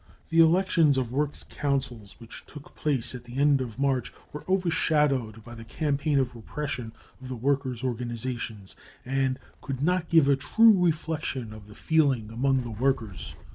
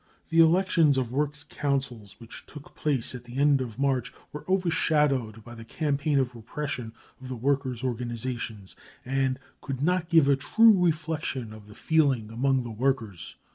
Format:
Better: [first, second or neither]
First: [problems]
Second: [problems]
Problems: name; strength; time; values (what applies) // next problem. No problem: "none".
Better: second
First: background sound (Wind); 18 dB below the speech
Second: none